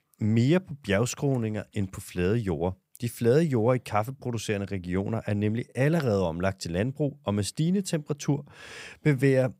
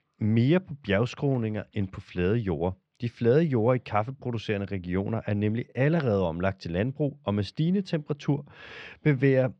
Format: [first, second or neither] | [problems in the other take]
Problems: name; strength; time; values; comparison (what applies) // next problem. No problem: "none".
first | muffled; slightly; fading above 4 kHz